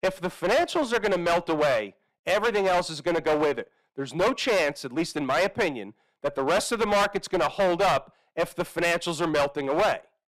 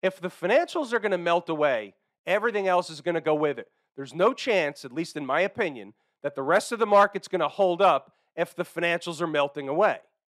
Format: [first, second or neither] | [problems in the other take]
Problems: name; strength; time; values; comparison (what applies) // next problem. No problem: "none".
second | distortion; heavy; 15% of the sound clipped